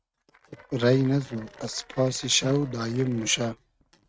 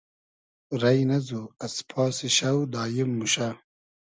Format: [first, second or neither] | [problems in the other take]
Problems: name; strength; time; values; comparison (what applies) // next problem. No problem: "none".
second | noise reduction (neural mask model RNNoise)